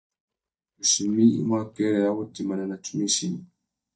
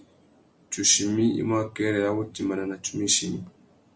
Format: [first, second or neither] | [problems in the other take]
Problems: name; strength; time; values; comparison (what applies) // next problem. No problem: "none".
second | noise reduction (neural mask model DeepFilterNet 3)